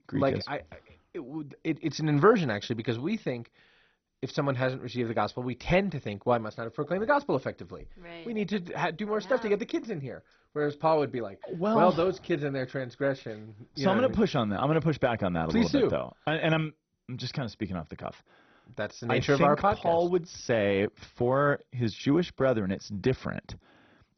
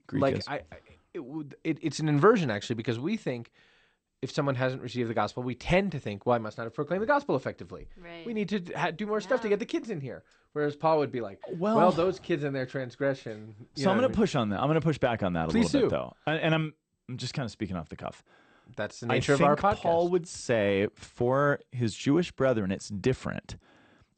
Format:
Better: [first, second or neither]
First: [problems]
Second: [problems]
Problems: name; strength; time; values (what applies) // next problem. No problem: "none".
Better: second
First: garbled, watery; badly; nothing above 6 kHz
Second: garbled, watery; slightly; nothing above 8.5 kHz